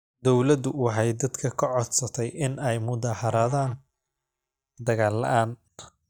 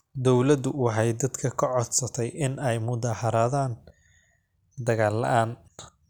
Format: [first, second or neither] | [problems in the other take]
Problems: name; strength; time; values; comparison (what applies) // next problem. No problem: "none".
second | noise reduction (neural mask model DeepFilterNet 3)